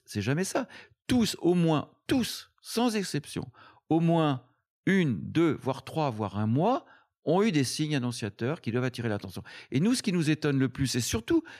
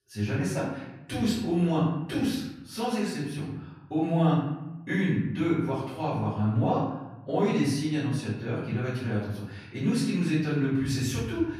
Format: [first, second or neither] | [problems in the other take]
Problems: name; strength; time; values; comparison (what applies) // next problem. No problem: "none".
first | room echo; noticeable; dies away in 0.9 s // off-mic speech; far